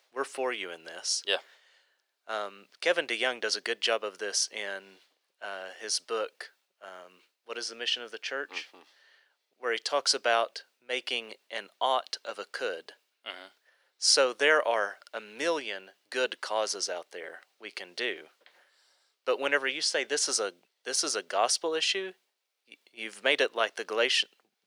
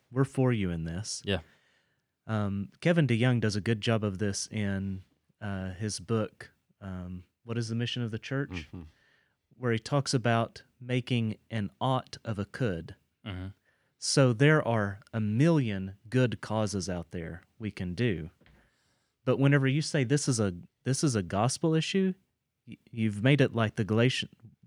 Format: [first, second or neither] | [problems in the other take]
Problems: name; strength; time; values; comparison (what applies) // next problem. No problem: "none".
second | thin; very; fading below 500 Hz